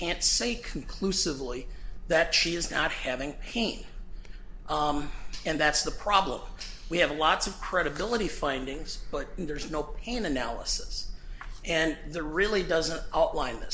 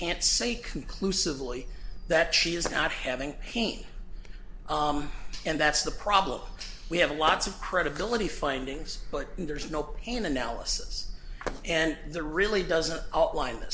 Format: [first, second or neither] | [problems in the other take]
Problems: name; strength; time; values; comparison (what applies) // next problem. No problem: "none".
first | background sound (Fireworks); 17 dB below the speech